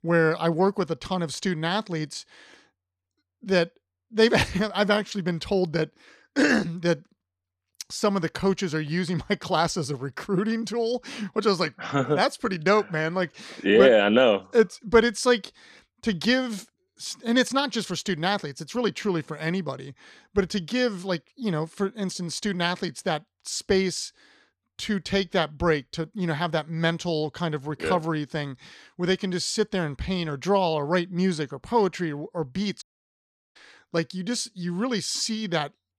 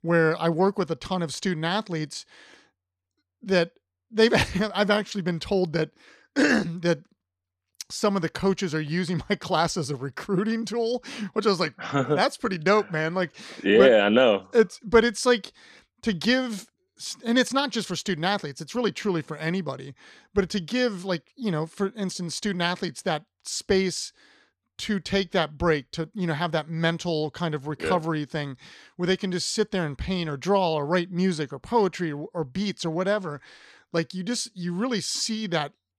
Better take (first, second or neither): second